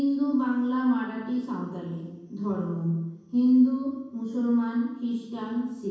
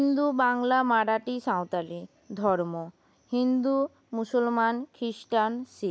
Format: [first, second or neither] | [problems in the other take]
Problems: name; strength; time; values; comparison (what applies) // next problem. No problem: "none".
second | room echo; dies away in 1.2 s